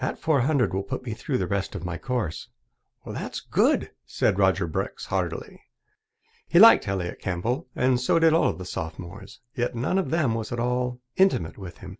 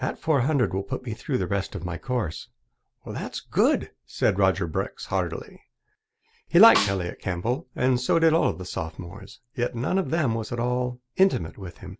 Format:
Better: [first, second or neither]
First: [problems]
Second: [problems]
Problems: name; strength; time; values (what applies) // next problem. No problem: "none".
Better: first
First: none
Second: background sound (Snare drum); 4 dB below the speech